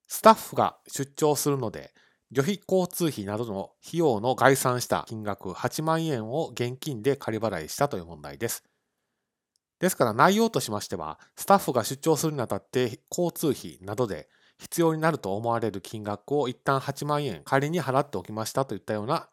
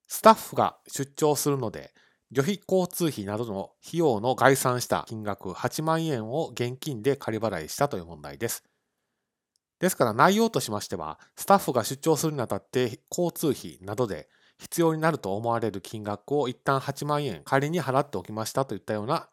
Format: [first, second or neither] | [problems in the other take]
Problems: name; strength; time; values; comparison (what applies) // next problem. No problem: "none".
neither | none